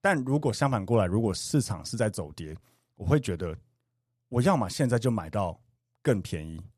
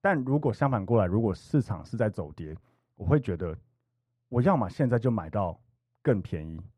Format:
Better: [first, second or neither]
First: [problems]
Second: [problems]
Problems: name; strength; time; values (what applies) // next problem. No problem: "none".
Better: first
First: none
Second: muffled; very; fading above 3.5 kHz